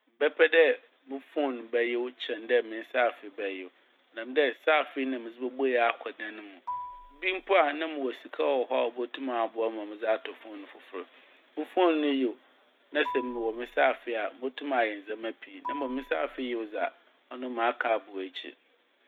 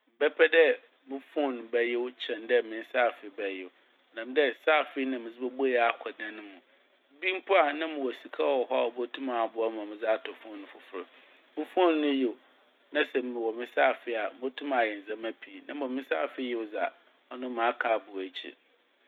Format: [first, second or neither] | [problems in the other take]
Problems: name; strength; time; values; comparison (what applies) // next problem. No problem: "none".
second | background sound (Marimba, xylophone); 13 dB below the speech